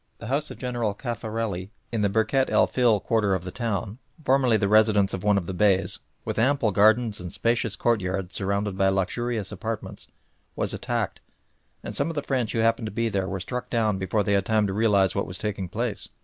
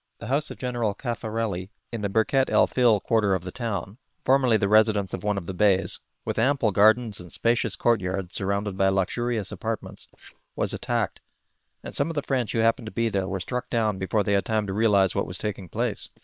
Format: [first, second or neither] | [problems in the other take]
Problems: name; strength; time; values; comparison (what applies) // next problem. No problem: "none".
first | noise reduction (neural separator model SepFormer WHAM!)